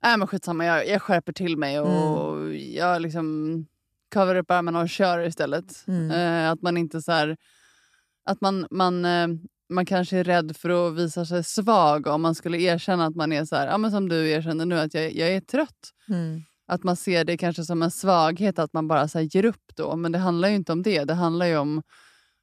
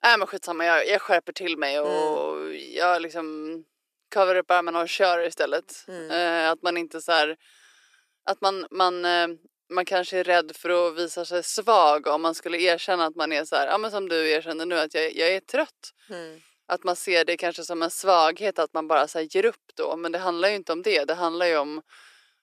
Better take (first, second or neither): first